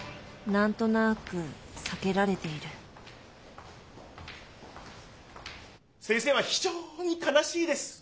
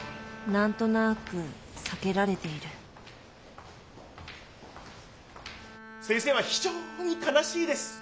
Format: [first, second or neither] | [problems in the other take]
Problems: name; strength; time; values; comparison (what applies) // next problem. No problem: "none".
first | background sound (Bowed string instrument); 16 dB below the speech